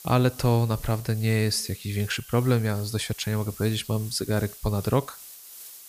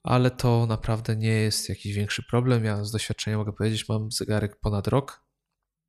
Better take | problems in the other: second | hiss; noticeable; throughout; 15 dB below the speech

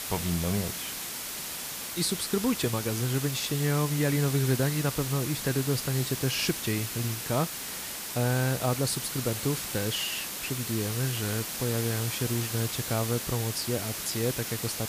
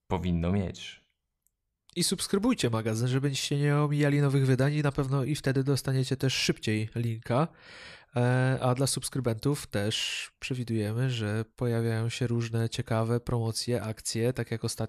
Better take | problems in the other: second | hiss; loud; throughout; 3 dB below the speech

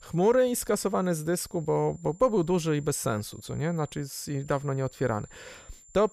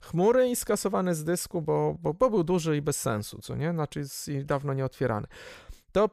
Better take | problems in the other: second | high-pitched whine; faint; throughout; 7.5 kHz, 25 dB below the speech

